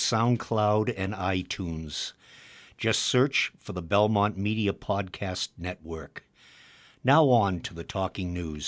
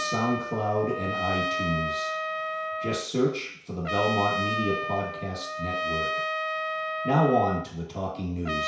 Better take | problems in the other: first | background sound (Trumpet); 2 dB below the speech // room echo; dies away in 0.6 s

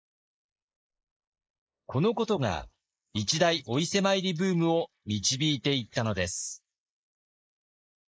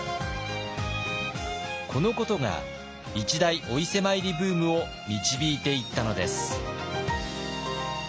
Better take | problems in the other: second | noise reduction (neural mask model Resemble Enhance denoiser)

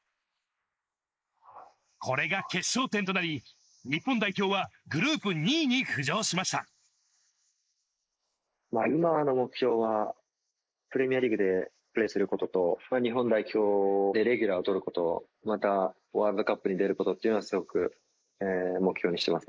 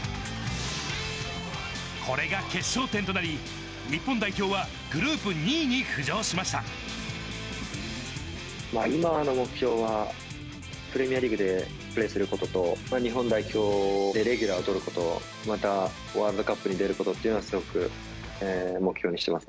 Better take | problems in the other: second | noise reduction (neural mask model Resemble Enhance denoiser)

